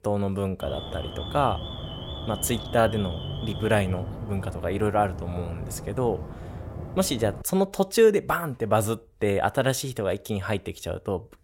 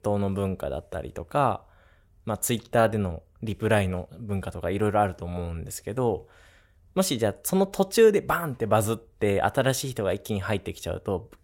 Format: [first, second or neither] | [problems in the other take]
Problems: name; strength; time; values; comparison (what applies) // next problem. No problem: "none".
second | alarm; noticeable; from 0.5 to 7.5 s; peak 7 dB below the speech